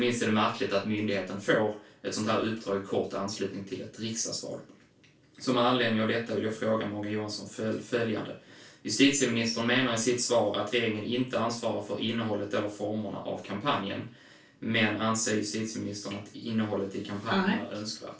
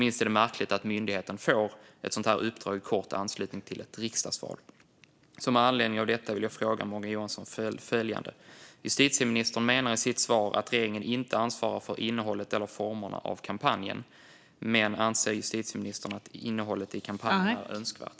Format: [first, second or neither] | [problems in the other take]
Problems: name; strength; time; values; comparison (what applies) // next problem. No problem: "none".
second | room echo; dies away in 0.2 s